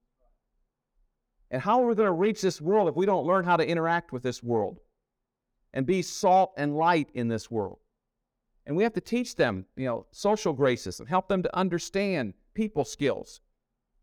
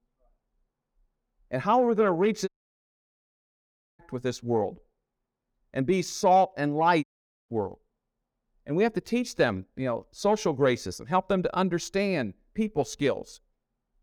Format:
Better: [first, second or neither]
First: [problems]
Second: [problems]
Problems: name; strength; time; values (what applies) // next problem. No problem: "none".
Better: first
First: none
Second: audio cutting out; at 2.5 s for 1.5 s and at 7 s